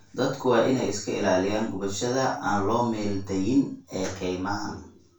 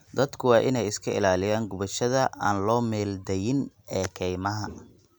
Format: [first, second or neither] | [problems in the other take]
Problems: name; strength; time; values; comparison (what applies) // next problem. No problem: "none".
second | room echo; dies away in 0.3 s